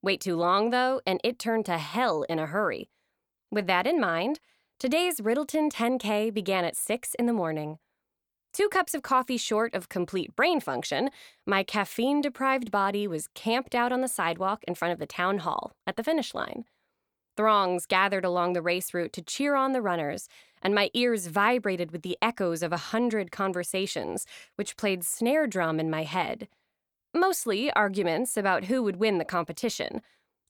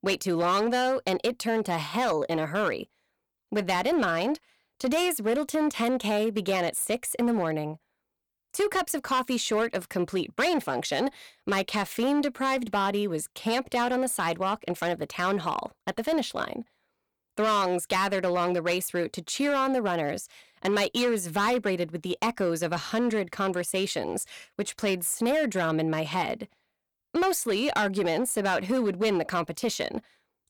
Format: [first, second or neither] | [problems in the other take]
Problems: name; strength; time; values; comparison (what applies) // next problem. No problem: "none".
first | distortion; slight; 8% of the sound clipped